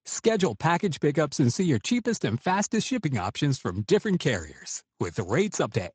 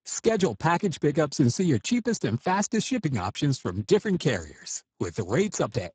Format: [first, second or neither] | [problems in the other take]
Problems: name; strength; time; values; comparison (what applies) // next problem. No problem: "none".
first | garbled, watery; badly; nothing above 7.5 kHz; slightly in the first